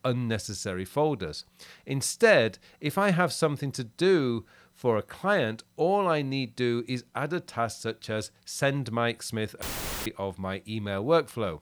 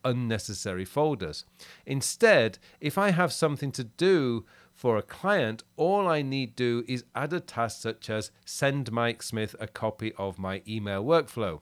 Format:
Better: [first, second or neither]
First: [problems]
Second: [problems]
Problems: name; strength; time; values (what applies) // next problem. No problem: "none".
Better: second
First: audio cutting out; filled with static; at 9.5 s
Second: none